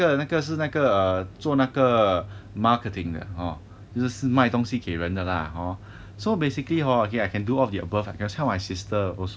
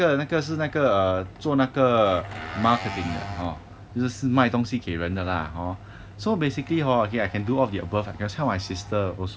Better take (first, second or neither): first